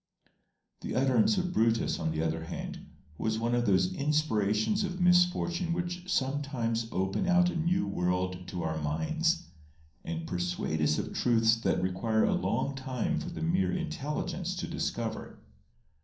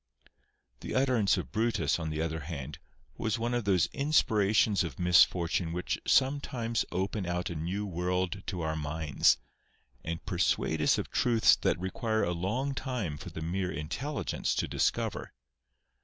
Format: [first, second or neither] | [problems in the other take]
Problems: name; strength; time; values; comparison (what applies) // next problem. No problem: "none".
second | room echo; dies away in 0.6 s